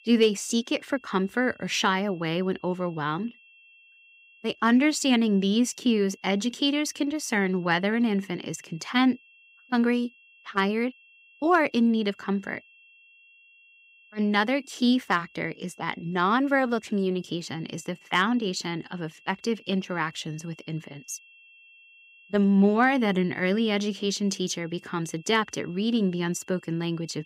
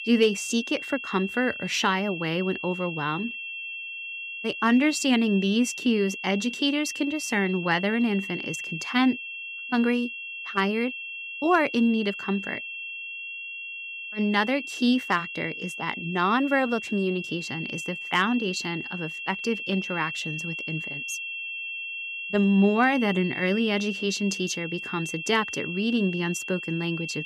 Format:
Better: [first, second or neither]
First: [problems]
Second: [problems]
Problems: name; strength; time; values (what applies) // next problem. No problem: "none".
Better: first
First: high-pitched whine; faint; throughout; 2.5 kHz, 25 dB below the speech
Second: high-pitched whine; loud; throughout; 2.5 kHz, 7 dB below the speech